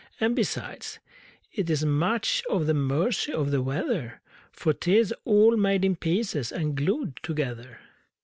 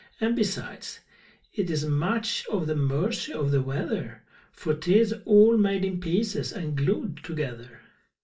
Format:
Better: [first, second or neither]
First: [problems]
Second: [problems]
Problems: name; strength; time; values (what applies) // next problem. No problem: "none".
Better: first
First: none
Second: room echo; dies away in 0.2 s